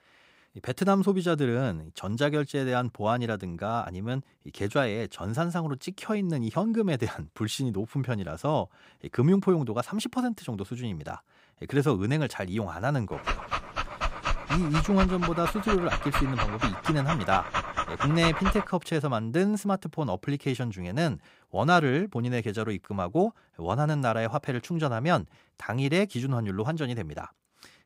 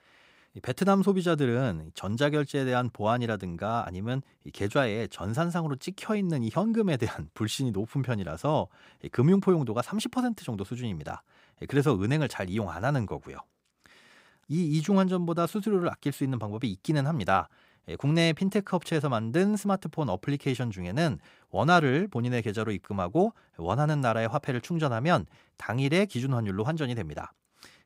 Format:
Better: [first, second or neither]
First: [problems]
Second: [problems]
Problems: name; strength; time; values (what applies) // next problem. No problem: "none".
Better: second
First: dog barking; noticeable; from 13 to 19 s; peak 1 dB below the speech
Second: none